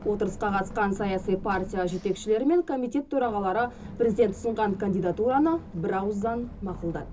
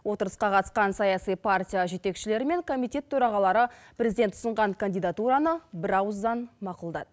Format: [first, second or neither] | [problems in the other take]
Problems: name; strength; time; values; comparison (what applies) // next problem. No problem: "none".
second | background sound (Run); 14 dB below the speech // room echo; dies away in 0.2 s